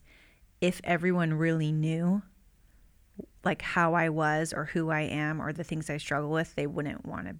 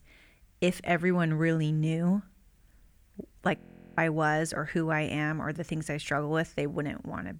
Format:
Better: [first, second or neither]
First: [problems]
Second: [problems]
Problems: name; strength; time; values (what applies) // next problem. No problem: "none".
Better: first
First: none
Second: audio freezing; at 3.5 s